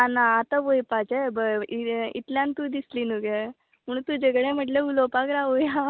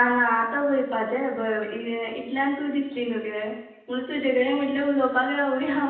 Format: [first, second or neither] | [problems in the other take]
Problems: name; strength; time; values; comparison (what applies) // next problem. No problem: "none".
first | room echo; dies away in 0.9 s